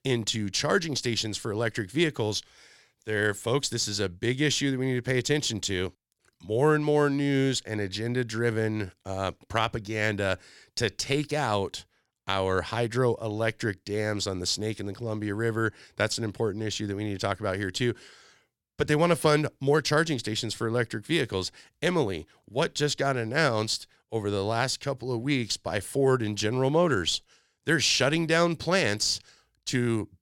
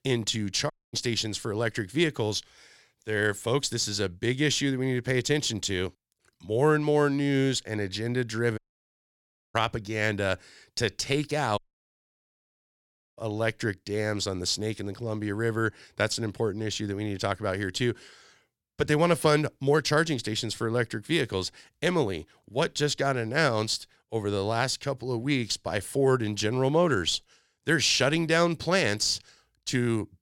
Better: first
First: none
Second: audio cutting out; at 0.5 s, at 8.5 s for 1 s and at 12 s for 1.5 s

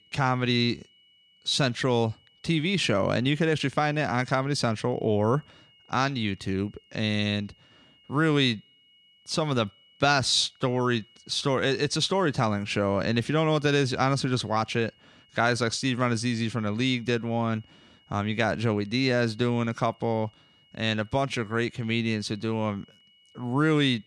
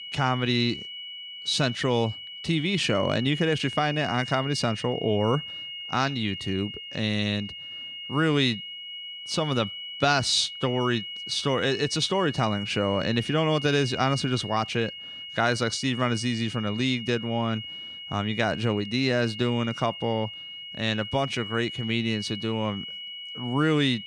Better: first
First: high-pitched whine; faint; throughout; 3 kHz, 30 dB below the speech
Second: high-pitched whine; loud; throughout; 3 kHz, 9 dB below the speech

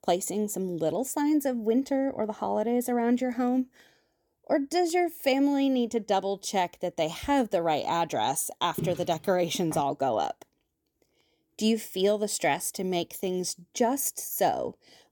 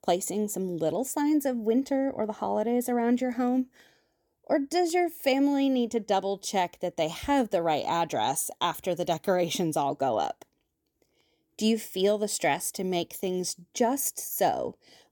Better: second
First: footsteps; noticeable; from 9 to 10 s; peak 8 dB below the speech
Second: none

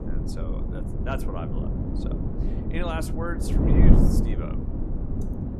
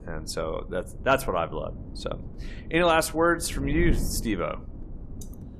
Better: second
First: wind noise on the microphone; heavy; 2 dB above the speech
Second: wind noise on the microphone; occasional gusts; 20 dB below the speech

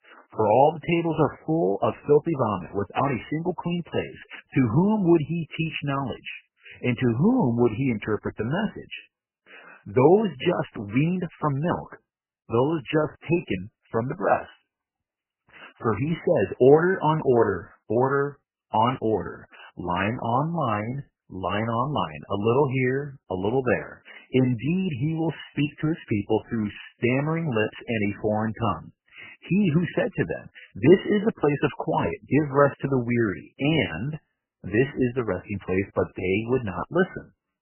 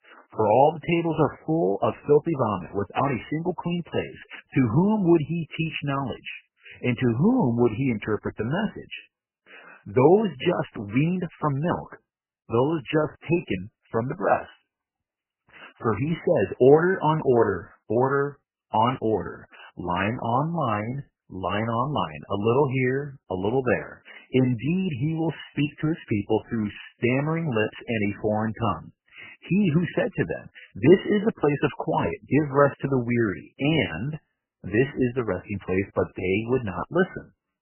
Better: neither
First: garbled, watery; badly; nothing above 3 kHz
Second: garbled, watery; badly; nothing above 3 kHz

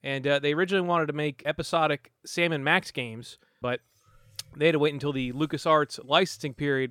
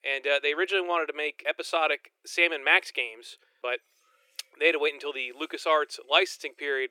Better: first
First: none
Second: thin; very; fading below 350 Hz

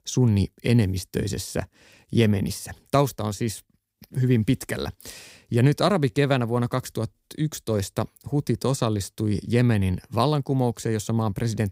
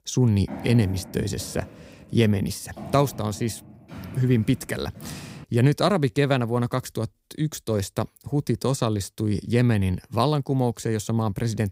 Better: first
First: none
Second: footsteps; faint; until 5.5 s; peak 10 dB below the speech

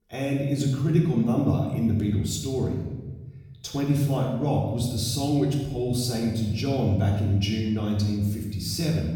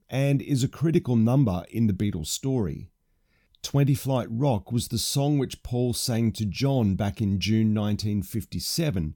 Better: second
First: room echo; noticeable; dies away in 1.1 s // off-mic speech; far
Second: none

